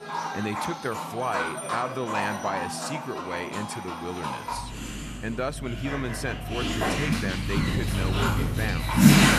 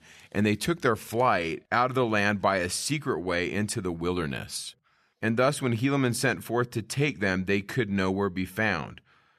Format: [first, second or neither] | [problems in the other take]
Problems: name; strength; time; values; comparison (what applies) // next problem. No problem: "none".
second | animal sounds; very loud; throughout; 5 dB above the speech